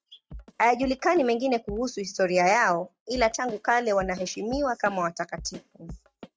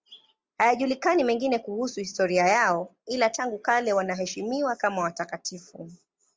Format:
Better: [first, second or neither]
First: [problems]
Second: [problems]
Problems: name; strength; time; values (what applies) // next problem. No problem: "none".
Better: second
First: noise reduction (neural mask model RNNoise)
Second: none